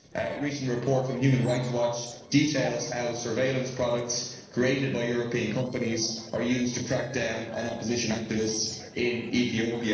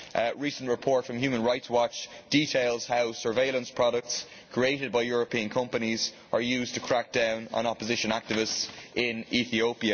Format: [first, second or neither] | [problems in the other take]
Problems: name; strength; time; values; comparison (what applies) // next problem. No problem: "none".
second | noise reduction (neural separator model SepFormer DNS4)